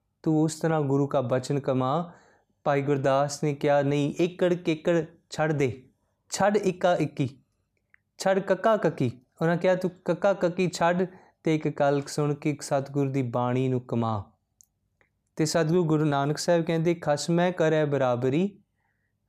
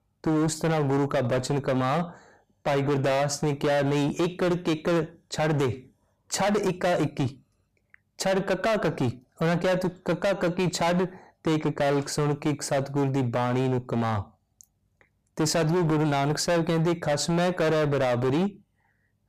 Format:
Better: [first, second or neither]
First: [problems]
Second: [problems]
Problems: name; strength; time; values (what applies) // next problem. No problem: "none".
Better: first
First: none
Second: distortion; heavy; 20% of the sound clipped